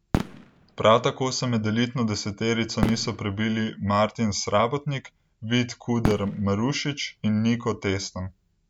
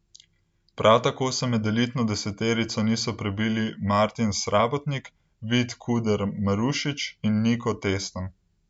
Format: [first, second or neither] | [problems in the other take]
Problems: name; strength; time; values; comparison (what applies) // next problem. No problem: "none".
second | background sound (Fireworks); 10 dB below the speech